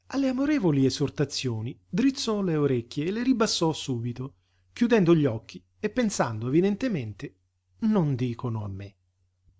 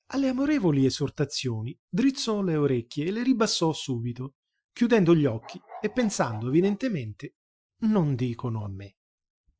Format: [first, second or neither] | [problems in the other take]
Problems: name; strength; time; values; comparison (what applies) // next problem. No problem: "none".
first | noise reduction (classical method Wiener filter)